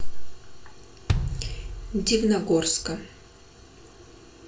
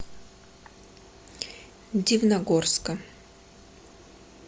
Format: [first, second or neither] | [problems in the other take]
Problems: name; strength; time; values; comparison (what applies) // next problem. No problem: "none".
second | background sound (Bass drum); 4 dB below the speech // room echo; dies away in 0.3 s